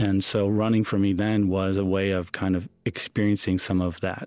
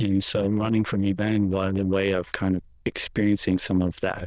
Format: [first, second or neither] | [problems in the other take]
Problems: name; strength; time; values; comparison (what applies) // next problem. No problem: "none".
first | noise reduction (neural diffusion model UNIVERSE++)